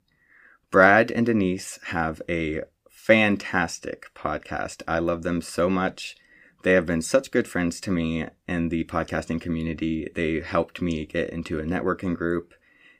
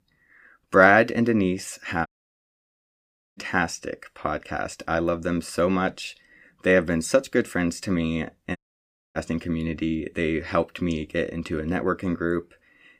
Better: first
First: none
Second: audio cutting out; at 2 s for 1.5 s and at 8.5 s for 0.5 s

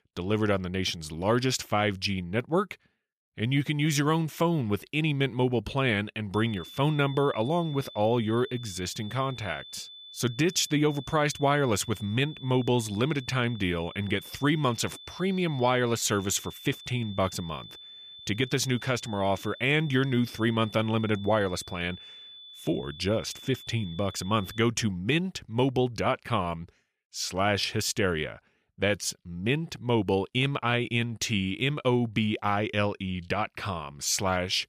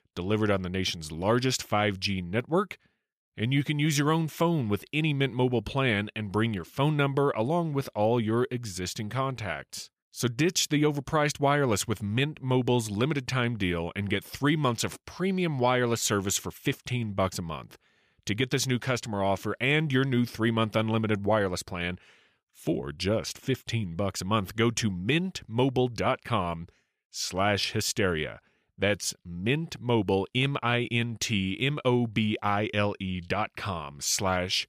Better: second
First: high-pitched whine; noticeable; from 6.5 to 25 s; 3.5 kHz, 15 dB below the speech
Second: none

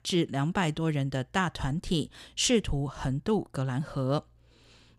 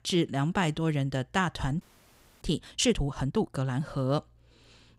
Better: first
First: none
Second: audio freezing; at 2 s for 0.5 s

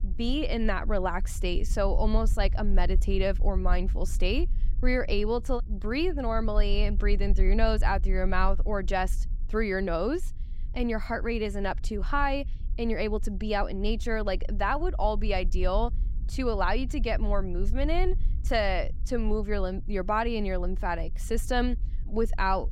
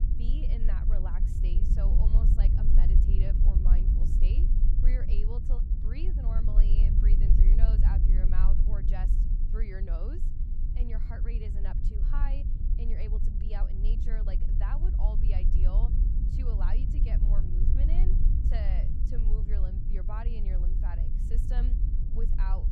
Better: first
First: low rumble; faint; throughout; 25 dB below the speech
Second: low rumble; loud; throughout; 1 dB below the speech

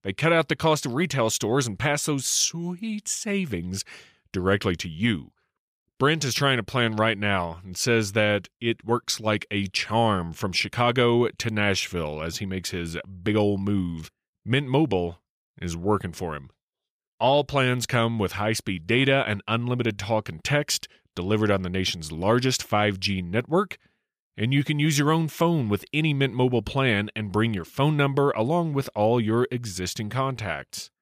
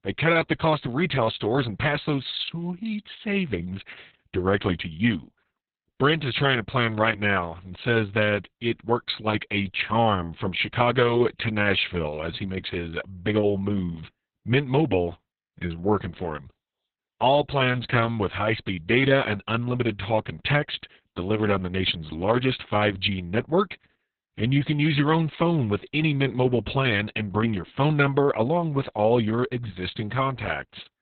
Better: first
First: none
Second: garbled, watery; badly; nothing above 4 kHz

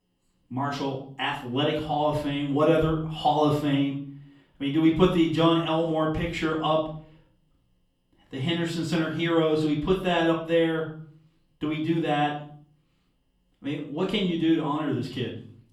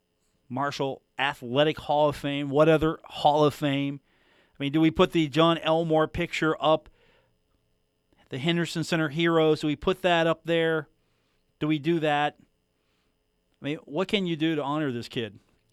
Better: second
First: off-mic speech; far // room echo; slight; dies away in 0.5 s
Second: none

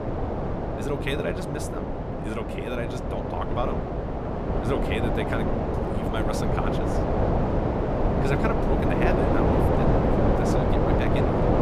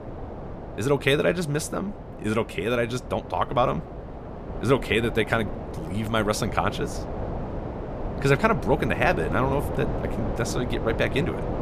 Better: second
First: wind noise on the microphone; heavy; 5 dB above the speech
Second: wind noise on the microphone; occasional gusts; 10 dB below the speech

